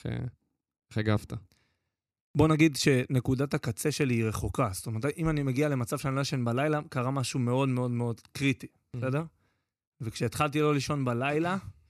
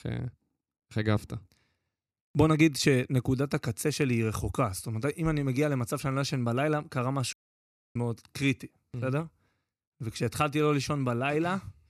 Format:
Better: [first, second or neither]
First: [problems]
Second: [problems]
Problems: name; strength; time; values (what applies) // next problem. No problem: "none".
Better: first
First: none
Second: audio cutting out; at 7.5 s for 0.5 s